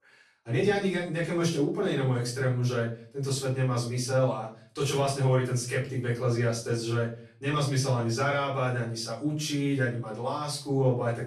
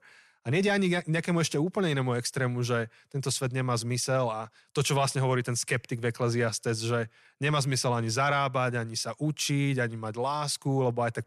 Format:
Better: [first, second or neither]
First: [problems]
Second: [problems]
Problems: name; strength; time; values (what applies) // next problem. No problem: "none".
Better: second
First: off-mic speech; far // room echo; slight; dies away in 0.4 s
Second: none